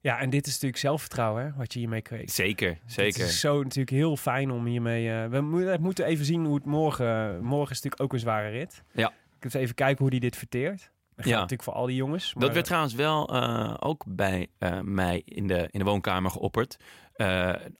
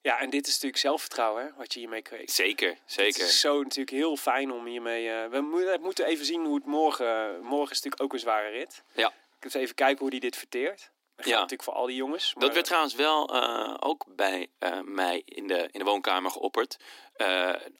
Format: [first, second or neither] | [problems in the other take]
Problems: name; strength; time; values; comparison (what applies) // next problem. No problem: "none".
first | thin; somewhat; fading below 250 Hz